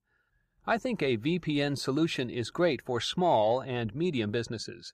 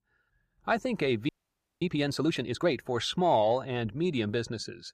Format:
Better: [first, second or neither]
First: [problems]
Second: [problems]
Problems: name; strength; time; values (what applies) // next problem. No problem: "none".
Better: first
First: none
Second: audio freezing; at 1.5 s for 0.5 s